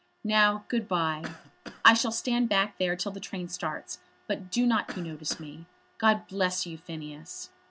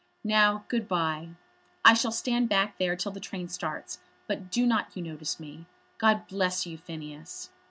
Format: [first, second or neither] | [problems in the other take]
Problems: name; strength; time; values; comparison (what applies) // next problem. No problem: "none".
second | background sound (Cough); 16 dB below the speech